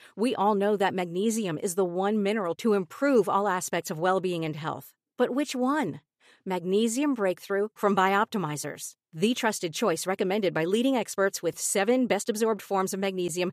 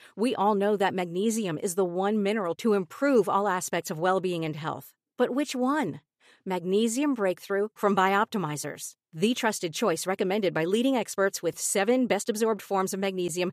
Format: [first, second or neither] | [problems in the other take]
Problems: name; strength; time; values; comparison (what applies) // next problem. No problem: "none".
neither | none